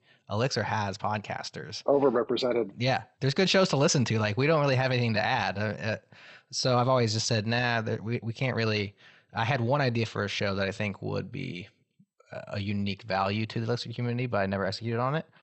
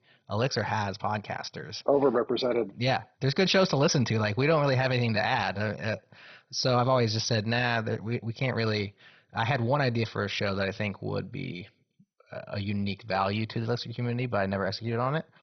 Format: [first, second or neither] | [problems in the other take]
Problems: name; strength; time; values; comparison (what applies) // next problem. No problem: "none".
first | garbled, watery; badly; nothing above 6 kHz; slightly in the first